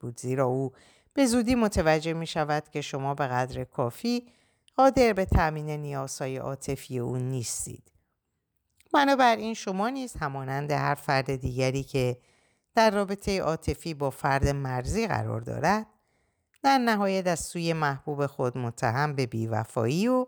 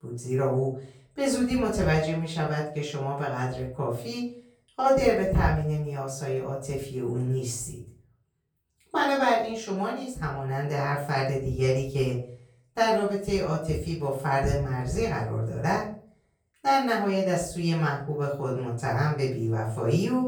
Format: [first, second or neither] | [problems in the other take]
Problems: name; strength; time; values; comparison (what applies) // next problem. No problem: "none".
first | off-mic speech; far // room echo; slight; dies away in 0.4 s